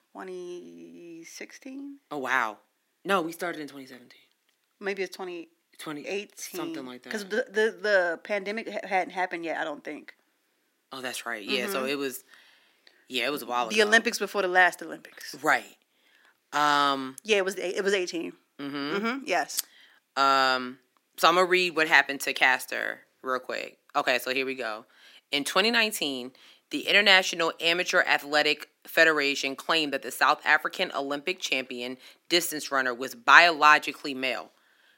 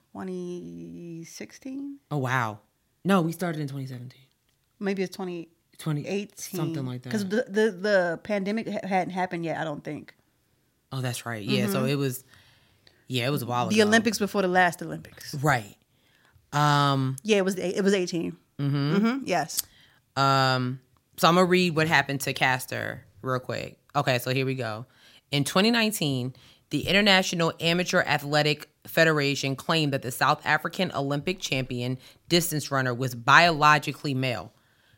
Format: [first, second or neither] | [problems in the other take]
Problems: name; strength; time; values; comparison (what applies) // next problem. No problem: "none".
second | thin; somewhat; fading below 250 Hz